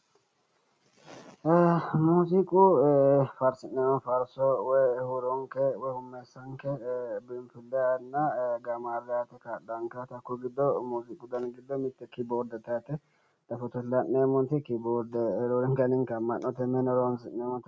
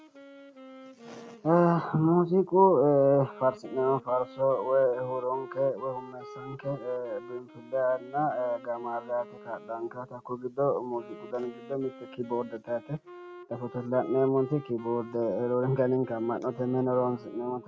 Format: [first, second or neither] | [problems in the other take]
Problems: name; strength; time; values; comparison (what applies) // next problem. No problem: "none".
first | background sound (Wind instrument, woodwind instrument); 19 dB below the speech